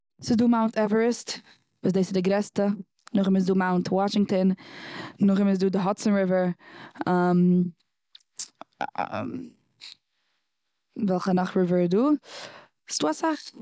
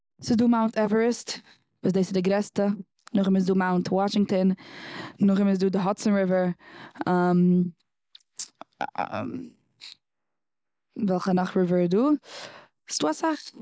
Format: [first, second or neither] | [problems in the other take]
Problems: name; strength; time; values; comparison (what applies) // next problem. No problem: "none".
first | noise reduction (neural mask model Resemble Enhance denoiser)